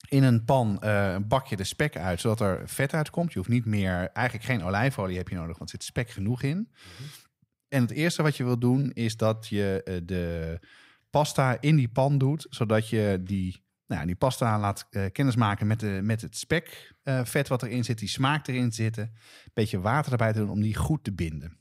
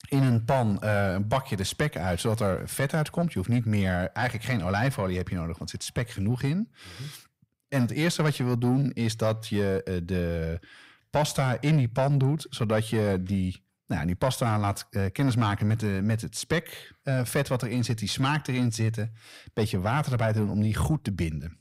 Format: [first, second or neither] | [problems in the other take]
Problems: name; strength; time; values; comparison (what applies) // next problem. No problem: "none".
first | distortion; slight; 10 dB below the speech